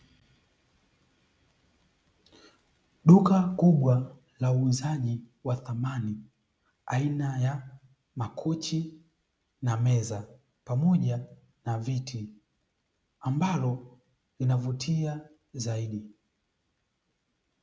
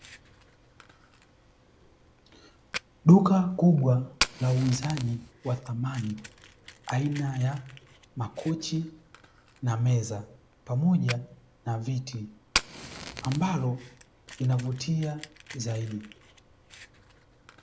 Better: first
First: none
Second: background sound (Fire); 13 dB below the speech

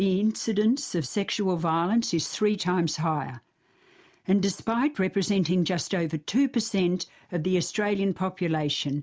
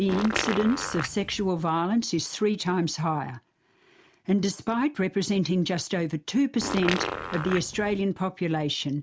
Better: first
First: none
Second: background sound (Fart); 5 dB below the speech

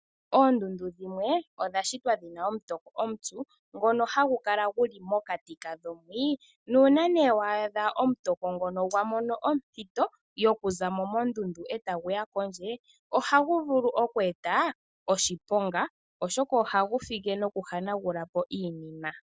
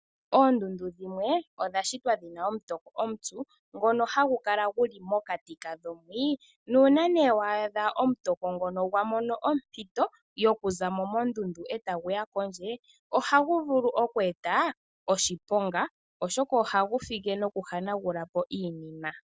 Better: second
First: noise reduction (neural mask model DeepFilterNet 3)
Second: none

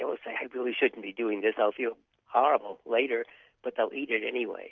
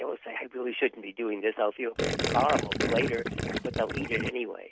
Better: first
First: none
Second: background sound (Gurgling); as loud as the speech

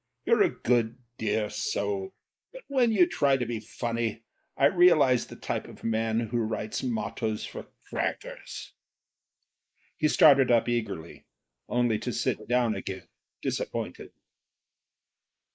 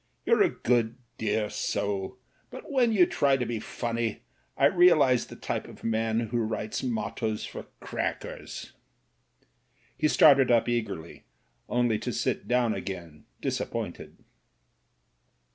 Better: second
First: noise reduction (neural mask model Resemble Enhance denoiser)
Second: none

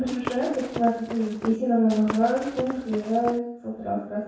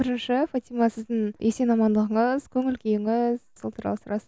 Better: second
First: background sound (Walk, footsteps / Run); 12 dB below the speech // room echo; dies away in 0.7 s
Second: none

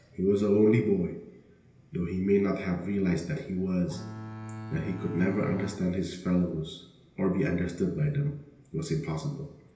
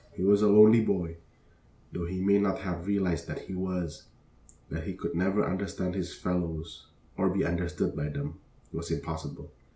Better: second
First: background sound (Bowed string instrument); 10 dB below the speech // room echo; dies away in 1.4 s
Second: none

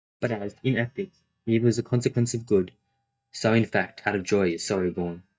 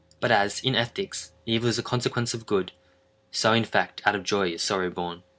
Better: second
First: noise reduction (neural mask model DeepFilterNet 3)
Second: none

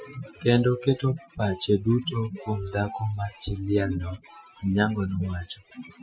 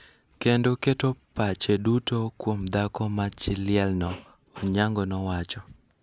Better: second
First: noise reduction (classical method Wiener filter)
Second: none

